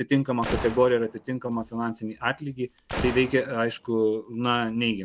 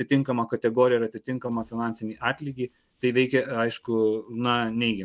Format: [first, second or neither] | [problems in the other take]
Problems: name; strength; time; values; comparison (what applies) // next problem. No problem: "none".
second | background sound (Gunshot, gunfire); 12 dB below the speech